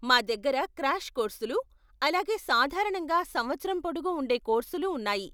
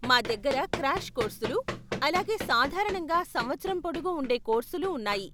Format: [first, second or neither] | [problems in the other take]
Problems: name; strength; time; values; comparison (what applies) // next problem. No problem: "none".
first | background sound (Run); 10 dB below the speech